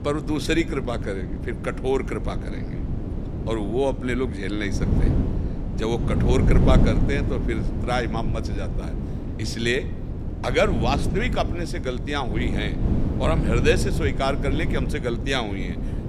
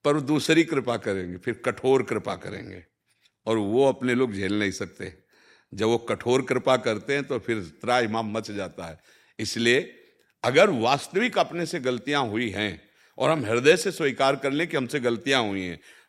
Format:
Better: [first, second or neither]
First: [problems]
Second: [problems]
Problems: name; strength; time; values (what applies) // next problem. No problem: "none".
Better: second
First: wind noise on the microphone; heavy; 8 dB below the speech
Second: none